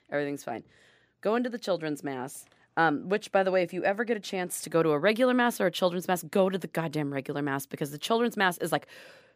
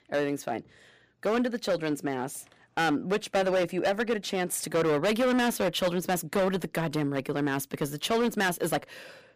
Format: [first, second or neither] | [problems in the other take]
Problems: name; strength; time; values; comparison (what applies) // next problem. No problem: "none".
first | distortion; heavy; 11% of the sound clipped